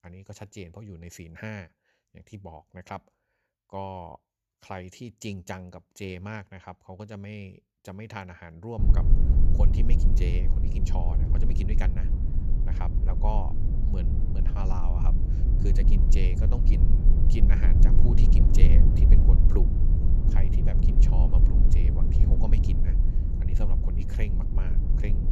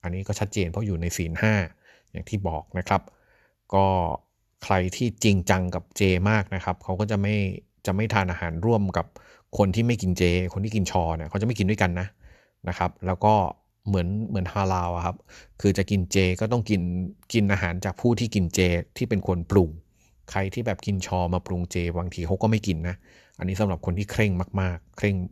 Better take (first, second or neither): second